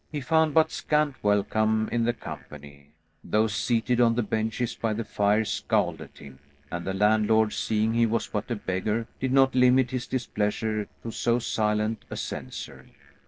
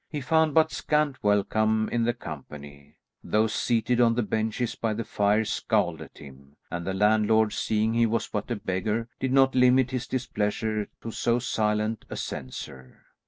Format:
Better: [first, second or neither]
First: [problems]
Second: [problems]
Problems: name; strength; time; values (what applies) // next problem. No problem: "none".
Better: second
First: noise reduction (neural separator model SepFormer DNS4)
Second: none